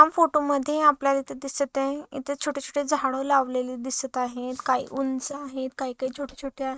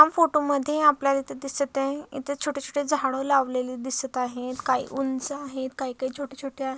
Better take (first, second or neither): second